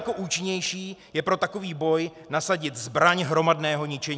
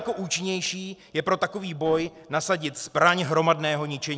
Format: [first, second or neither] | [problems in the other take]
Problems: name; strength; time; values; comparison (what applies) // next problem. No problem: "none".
first | noise reduction (neural separator model SepFormer DNS4)